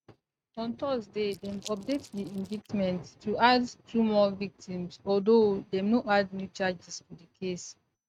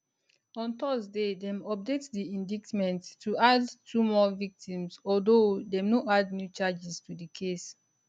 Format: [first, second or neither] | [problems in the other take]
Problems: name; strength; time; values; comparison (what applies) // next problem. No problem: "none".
second | noise reduction (neural mask model RNNoise)